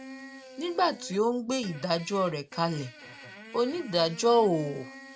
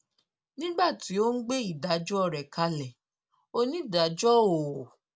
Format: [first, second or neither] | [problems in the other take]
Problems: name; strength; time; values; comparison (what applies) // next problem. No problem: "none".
second | background sound (Bowed string instrument + Fart); 18 dB below the speech